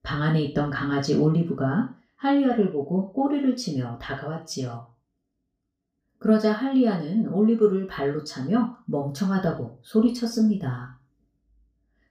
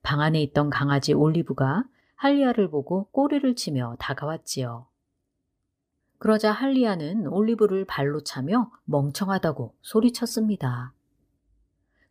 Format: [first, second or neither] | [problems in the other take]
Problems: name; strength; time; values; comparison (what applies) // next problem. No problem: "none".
second | room echo; slight; dies away in 0.3 s // off-mic speech; far